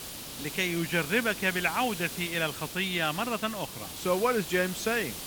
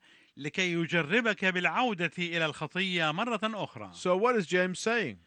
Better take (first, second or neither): second